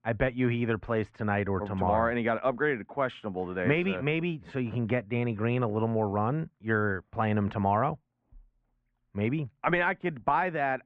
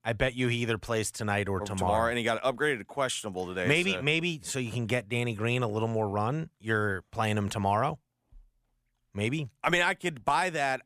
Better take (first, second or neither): second